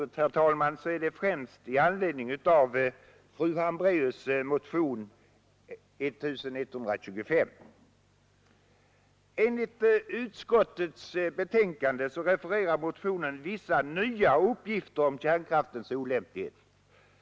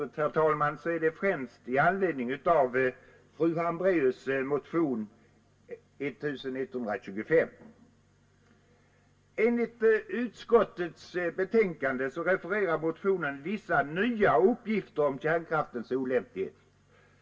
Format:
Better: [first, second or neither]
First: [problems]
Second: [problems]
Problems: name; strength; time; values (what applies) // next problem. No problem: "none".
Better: first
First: none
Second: room echo; dies away in 0.1 s